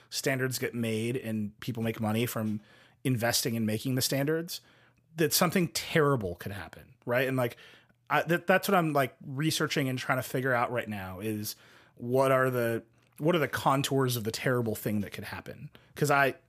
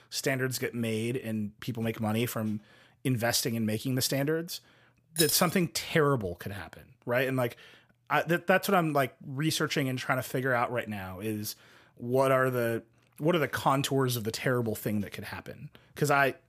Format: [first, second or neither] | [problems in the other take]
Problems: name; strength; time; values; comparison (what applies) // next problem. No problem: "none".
first | jangling keys; loud; at 5 s; peak level with the speech